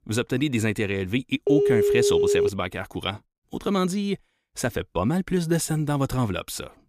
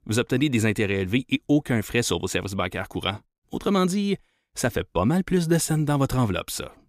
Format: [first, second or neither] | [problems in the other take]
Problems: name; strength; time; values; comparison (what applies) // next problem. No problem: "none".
second | phone ringing; loud; from 1.5 to 2.5 s; peak 5 dB above the speech